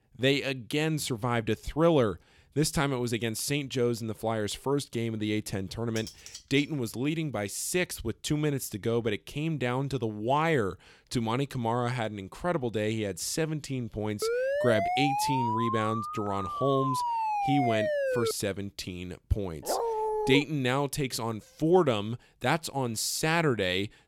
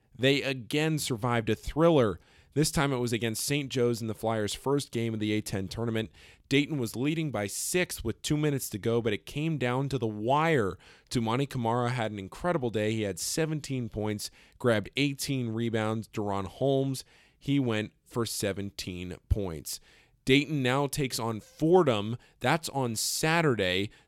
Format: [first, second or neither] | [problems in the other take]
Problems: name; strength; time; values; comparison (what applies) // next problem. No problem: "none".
second | clattering dishes; faint; at 6 s; peak 15 dB below the speech // siren; loud; from 14 to 18 s; peak 1 dB above the speech // dog barking; noticeable; at 20 s; peak level with the speech